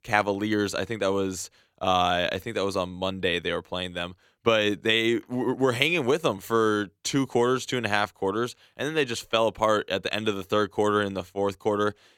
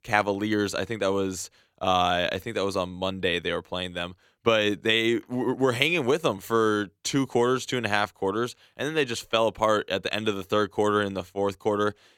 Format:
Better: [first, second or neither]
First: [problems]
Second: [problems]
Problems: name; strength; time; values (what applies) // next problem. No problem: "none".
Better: neither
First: none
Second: none